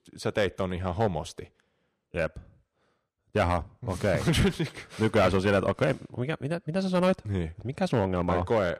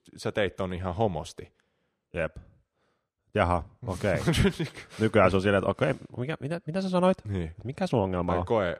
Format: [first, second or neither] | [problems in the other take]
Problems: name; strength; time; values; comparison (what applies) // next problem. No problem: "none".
second | distortion; slight; 3% of the sound clipped